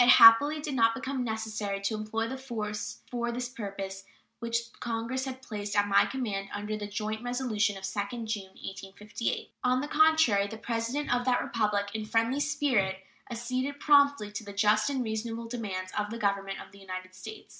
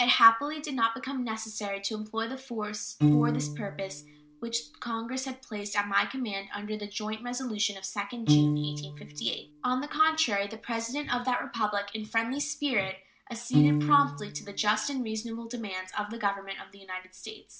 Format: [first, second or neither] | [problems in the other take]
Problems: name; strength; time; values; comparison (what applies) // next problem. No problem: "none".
first | background sound (Piano); 3 dB below the speech